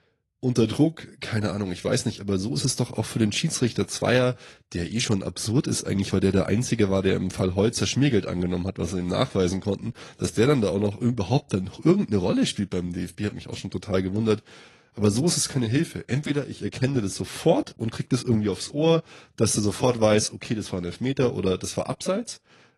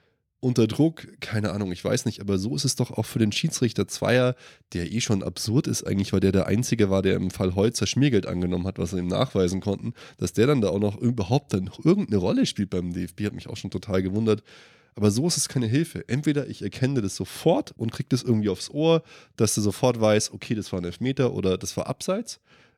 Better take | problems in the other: second | garbled, watery; slightly; nothing above 11 kHz

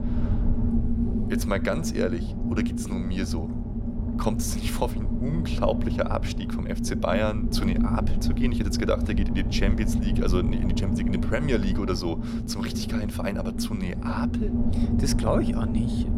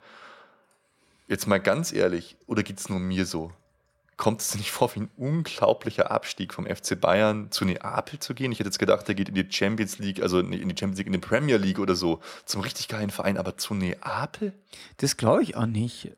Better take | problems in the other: second | low rumble; loud; throughout; 4 dB below the speech

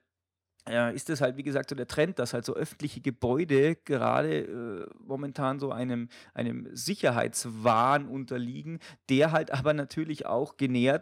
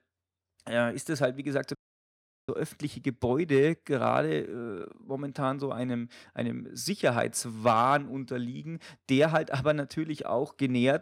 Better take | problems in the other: first | audio cutting out; at 2 s for 0.5 s

